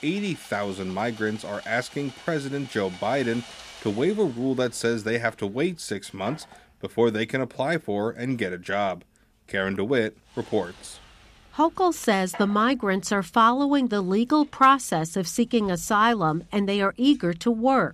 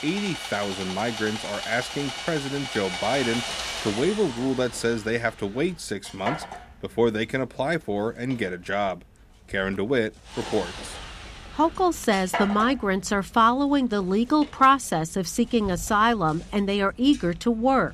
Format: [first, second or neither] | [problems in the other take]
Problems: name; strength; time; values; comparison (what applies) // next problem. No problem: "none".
first | machinery noise; loud; throughout; 9 dB below the speech; faint in the first